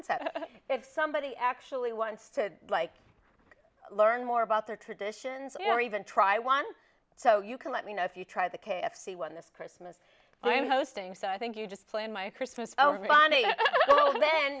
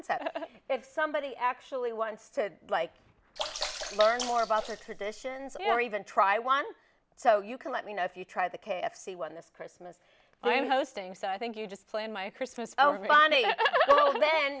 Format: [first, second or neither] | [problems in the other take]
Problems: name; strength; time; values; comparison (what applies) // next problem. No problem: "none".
first | background sound (Sink (filling or washing) / Water / Splash, splatter); 10 dB below the speech